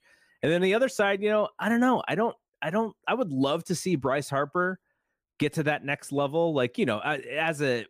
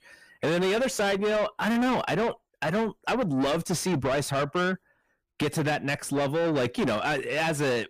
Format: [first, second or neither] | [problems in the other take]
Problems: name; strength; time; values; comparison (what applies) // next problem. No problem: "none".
first | distortion; heavy; 7 dB below the speech